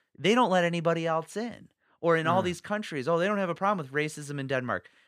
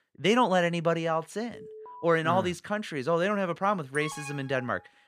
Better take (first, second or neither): first